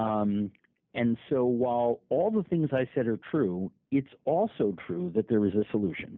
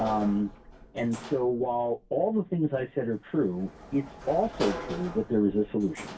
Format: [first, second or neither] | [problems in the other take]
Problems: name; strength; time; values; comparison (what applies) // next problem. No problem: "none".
first | background sound (Sliding door / Slam); 14 dB below the speech // room echo; dies away in 0.2 s